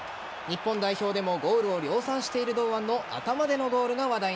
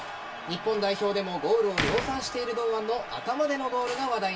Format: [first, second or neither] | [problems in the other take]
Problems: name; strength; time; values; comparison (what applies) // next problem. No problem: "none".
first | background sound (Slam); 11 dB below the speech // room echo; dies away in 0.2 s